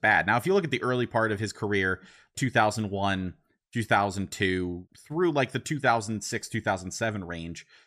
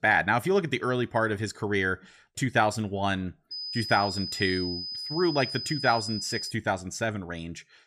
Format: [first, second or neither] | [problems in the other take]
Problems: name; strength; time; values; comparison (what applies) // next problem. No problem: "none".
first | high-pitched whine; loud; from 3.5 to 6.5 s; 5 kHz, 5 dB below the speech